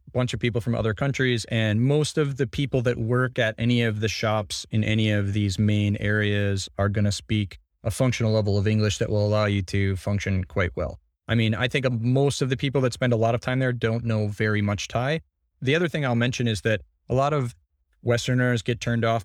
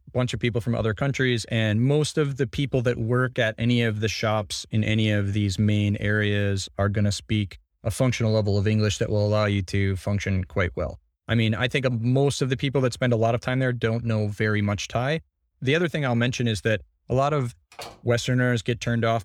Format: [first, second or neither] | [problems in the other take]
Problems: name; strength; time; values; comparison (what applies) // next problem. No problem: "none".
first | door banging; faint; at 18 s; peak 15 dB below the speech